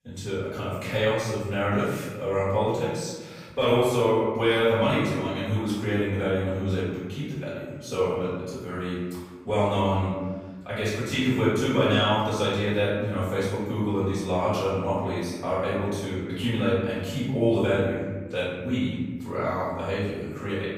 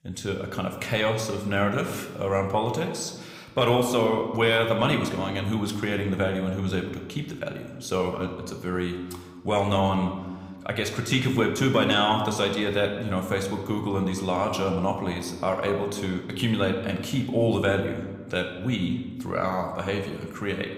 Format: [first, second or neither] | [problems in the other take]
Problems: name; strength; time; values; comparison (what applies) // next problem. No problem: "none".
second | room echo; strong; dies away in 1.2 s; slight in the second // off-mic speech; far